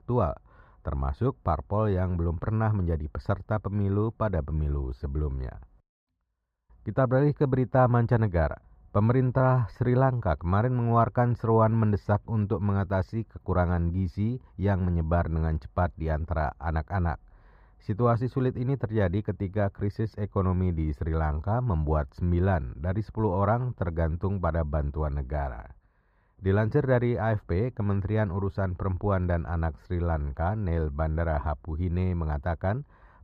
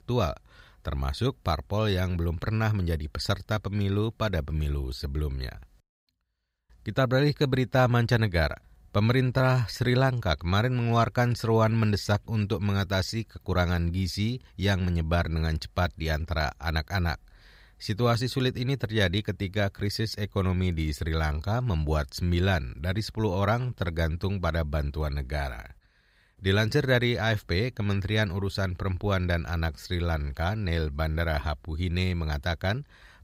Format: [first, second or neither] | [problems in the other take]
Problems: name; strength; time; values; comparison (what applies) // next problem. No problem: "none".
second | muffled; very; fading above 2 kHz